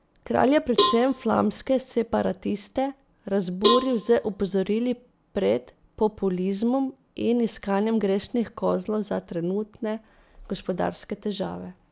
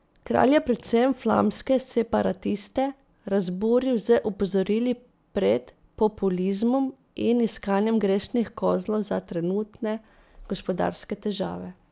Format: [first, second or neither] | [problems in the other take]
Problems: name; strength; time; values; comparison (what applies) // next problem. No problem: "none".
second | background sound (Cowbell); 4 dB below the speech